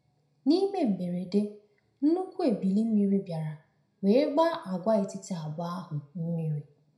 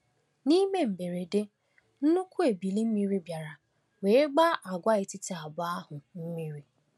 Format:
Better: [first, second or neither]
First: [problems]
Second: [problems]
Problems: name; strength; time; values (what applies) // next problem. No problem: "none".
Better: second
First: room echo; dies away in 0.4 s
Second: none